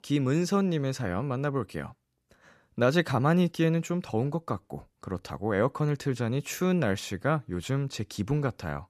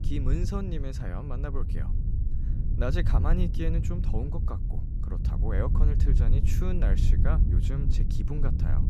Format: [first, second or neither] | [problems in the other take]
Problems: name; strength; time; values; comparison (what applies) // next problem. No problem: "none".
first | low rumble; loud; throughout; 5 dB below the speech